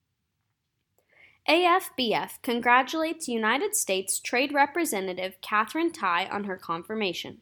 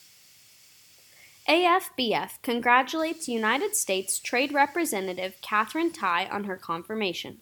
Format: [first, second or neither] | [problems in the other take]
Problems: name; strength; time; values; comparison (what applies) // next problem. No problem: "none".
first | hiss; faint; throughout; 25 dB below the speech